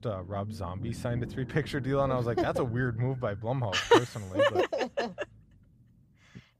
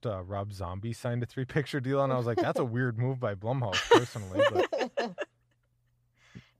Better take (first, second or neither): second